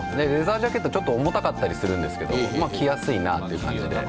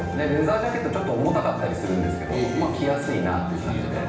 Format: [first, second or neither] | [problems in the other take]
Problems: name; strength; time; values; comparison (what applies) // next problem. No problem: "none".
first | room echo; dies away in 0.9 s